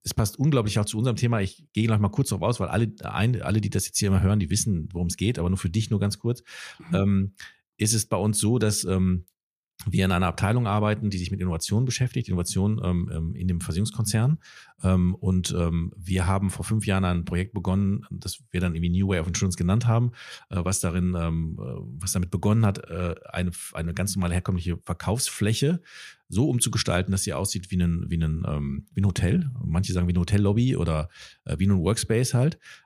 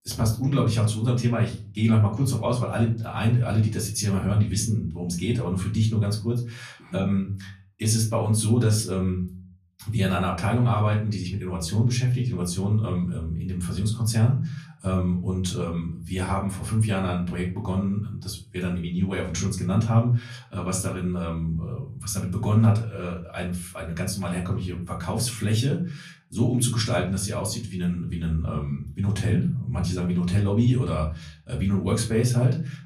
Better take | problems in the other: first | off-mic speech; far // room echo; very slight; dies away in 0.4 s

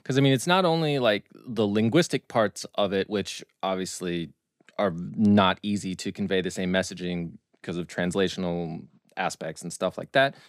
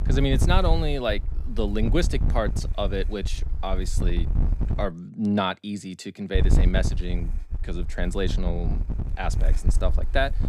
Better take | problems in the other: first | wind noise on the microphone; occasional gusts; until 5 s and from 6.5 s on; 10 dB below the speech

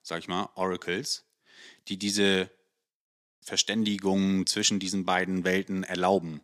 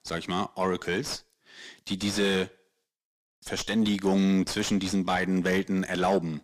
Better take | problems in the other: first | distortion; heavy; 7 dB below the speech

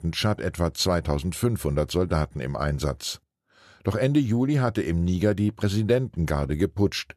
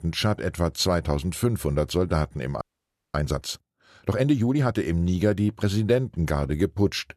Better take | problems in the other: first | audio freezing; at 2.5 s for 0.5 s

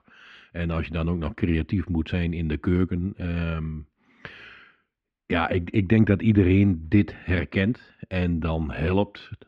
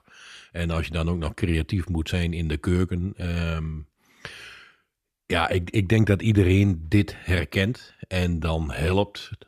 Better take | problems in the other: second | muffled; slightly; fading above 2.5 kHz

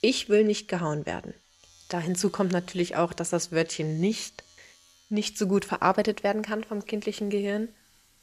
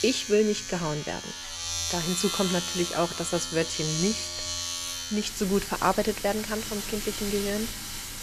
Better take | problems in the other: first | household noises; loud; throughout; 3 dB below the speech; faint in the first

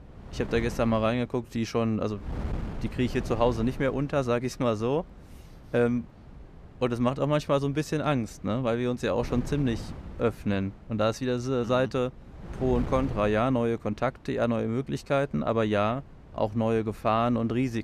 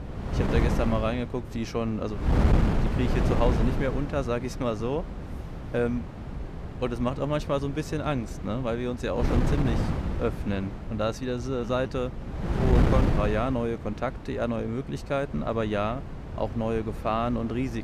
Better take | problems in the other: first | wind noise on the microphone; heavy; 6 dB below the speech; occasional gusts in the first

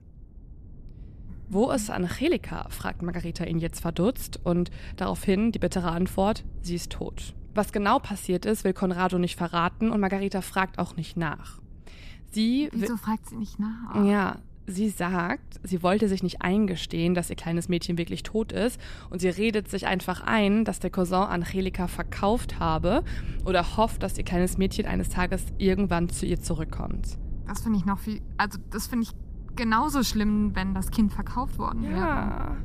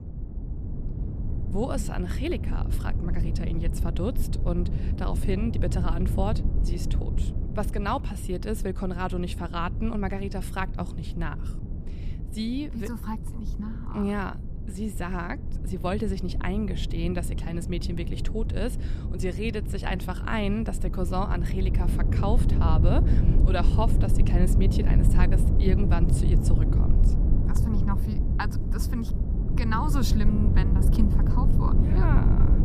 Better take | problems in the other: first | low rumble; loud; throughout; 6 dB below the speech; faint in the first

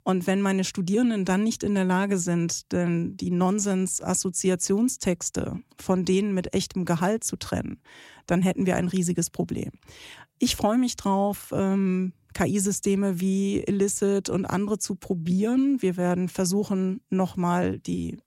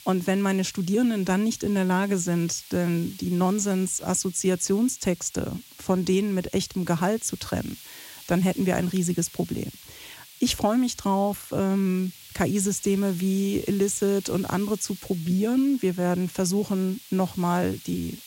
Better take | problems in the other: first | hiss; noticeable; throughout; 20 dB below the speech

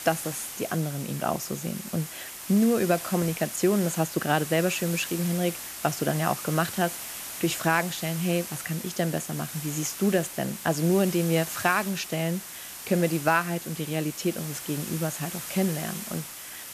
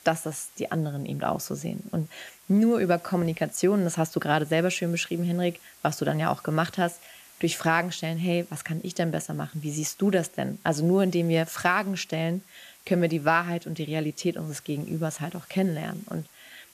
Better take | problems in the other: second | hiss; loud; throughout; 8 dB below the speech; faint in the second

